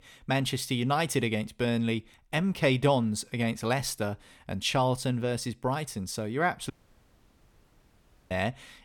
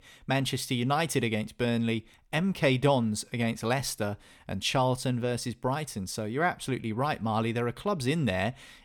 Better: second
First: audio cutting out; at 6.5 s for 1.5 s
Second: none

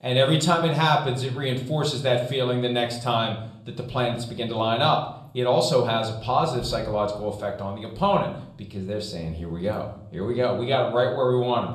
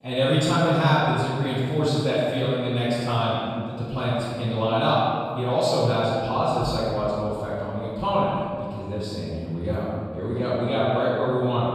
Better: first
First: room echo; slight; dies away in 0.6 s // off-mic speech; somewhat distant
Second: room echo; strong; dies away in 2.2 s // off-mic speech; far

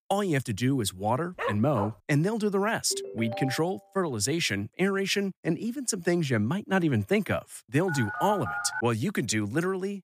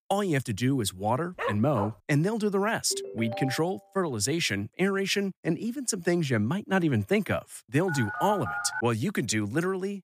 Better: neither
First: dog barking; noticeable; at 1.5 s; peak 6 dB below the speech // phone ringing; noticeable; at 3 s and at 8 s; peak 5 dB below the speech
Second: dog barking; noticeable; at 1.5 s; peak 6 dB below the speech // phone ringing; noticeable; at 3 s and at 8 s; peak 5 dB below the speech

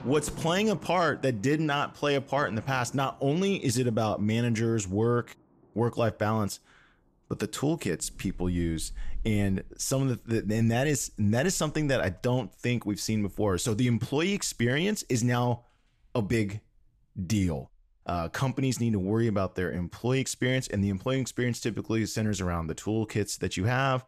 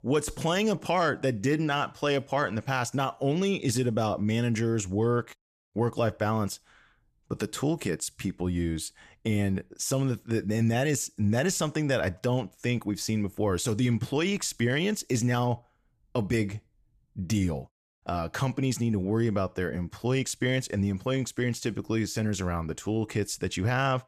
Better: second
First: rain or running water; faint; throughout; 20 dB below the speech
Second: none

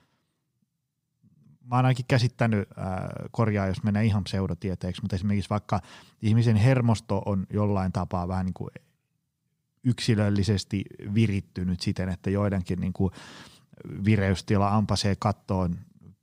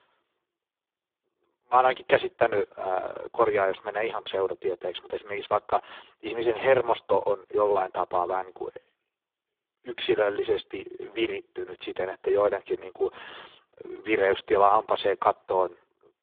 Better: first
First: none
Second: phone-call audio; poor line; nothing above 3.5 kHz

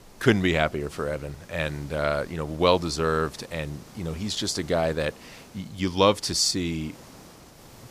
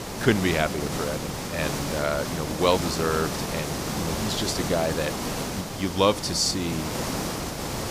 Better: first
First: hiss; faint; throughout; 25 dB below the speech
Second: hiss; loud; throughout; 3 dB below the speech

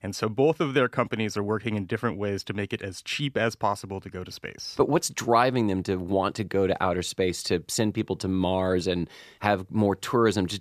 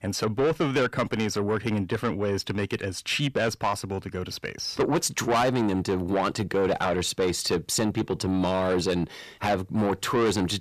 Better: first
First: none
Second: distortion; heavy; 7 dB below the speech

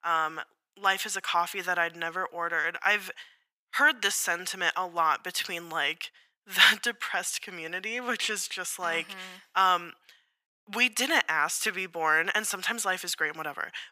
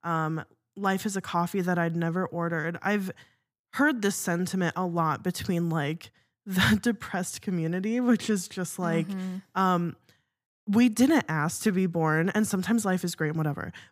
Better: second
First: thin; very; fading below 800 Hz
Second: none

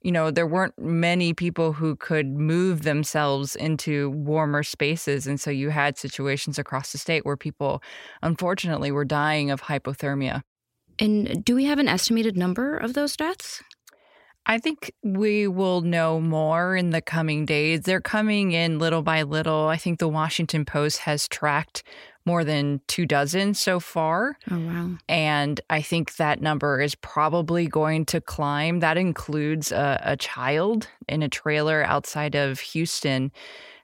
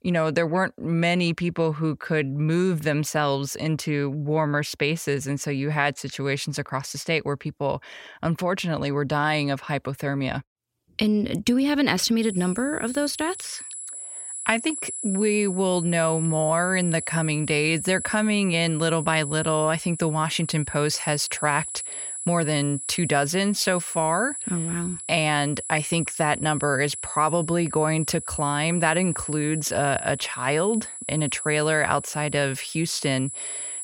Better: first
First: none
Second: high-pitched whine; loud; from 12 s on; 10 kHz, 7 dB below the speech

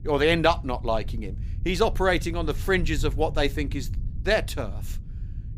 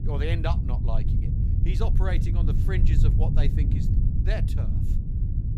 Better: first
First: low rumble; faint; throughout; 25 dB below the speech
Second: low rumble; loud; throughout; 3 dB below the speech

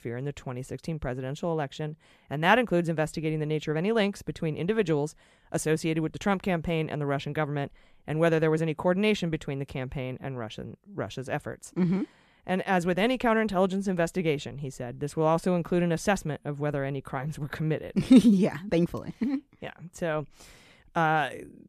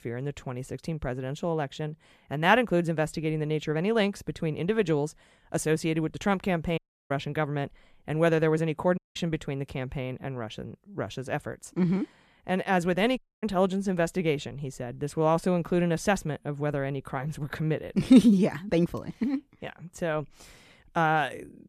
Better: first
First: none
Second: audio cutting out; at 7 s, at 9 s and at 13 s

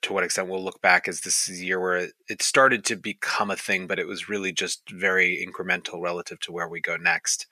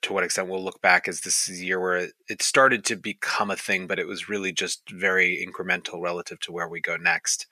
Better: neither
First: thin; somewhat; fading below 1 kHz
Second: thin; somewhat; fading below 1 kHz

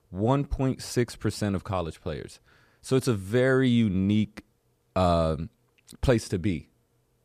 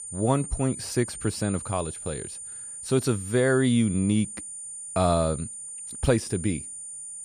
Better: first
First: none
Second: high-pitched whine; loud; throughout; 9 kHz, 9 dB below the speech

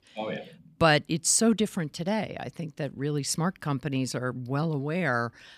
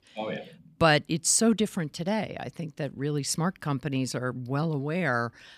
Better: neither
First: none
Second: none

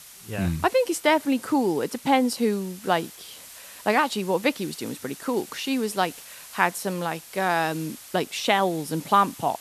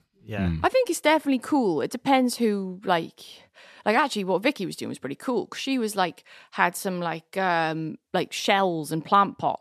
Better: second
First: hiss; noticeable; throughout; 15 dB below the speech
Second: none

